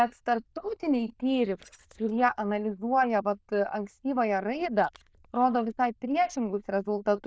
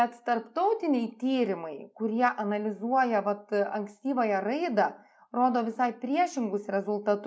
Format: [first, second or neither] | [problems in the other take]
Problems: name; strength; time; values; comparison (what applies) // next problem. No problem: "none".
second | noise reduction (neural diffusion model UNIVERSE++)